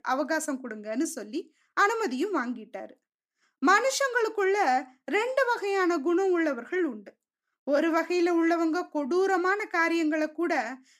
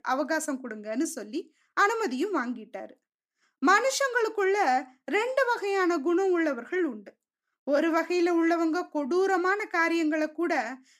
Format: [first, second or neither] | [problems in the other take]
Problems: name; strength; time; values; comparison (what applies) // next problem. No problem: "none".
neither | none